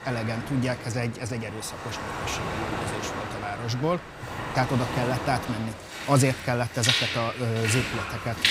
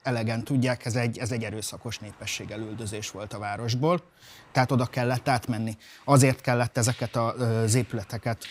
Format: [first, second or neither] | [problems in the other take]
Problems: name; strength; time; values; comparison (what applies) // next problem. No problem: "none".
second | rain or running water; loud; throughout; 2 dB below the speech; faint in the second